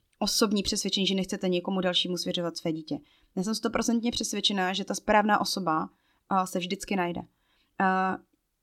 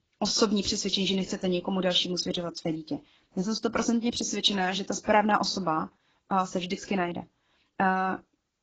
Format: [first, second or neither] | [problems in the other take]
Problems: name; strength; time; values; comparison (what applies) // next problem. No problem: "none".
first | garbled, watery; badly